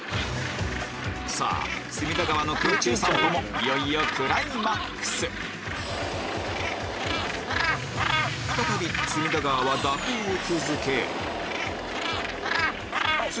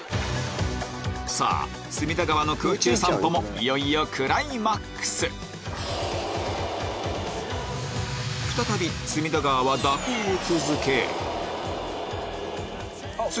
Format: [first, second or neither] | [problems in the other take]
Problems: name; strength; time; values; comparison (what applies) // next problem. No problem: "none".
second | background sound (Gull, seagull); 1 dB below the speech